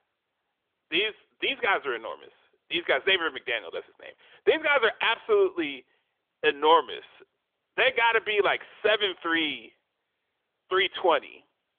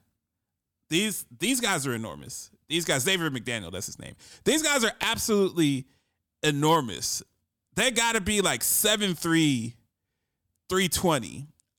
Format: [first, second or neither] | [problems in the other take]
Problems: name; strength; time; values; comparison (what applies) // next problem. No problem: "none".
second | phone-call audio; nothing above 3.5 kHz